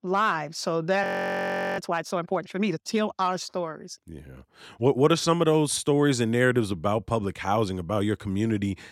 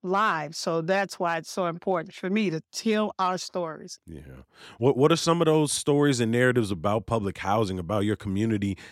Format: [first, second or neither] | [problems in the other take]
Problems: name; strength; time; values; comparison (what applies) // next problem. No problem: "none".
second | audio freezing; at 1 s for 0.5 s